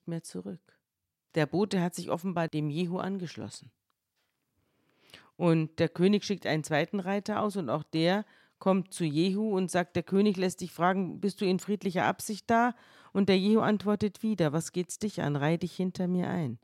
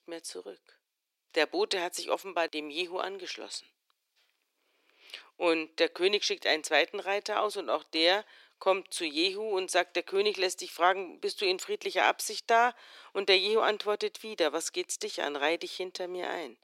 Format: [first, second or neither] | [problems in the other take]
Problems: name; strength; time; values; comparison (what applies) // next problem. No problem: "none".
first | thin; very; fading below 350 Hz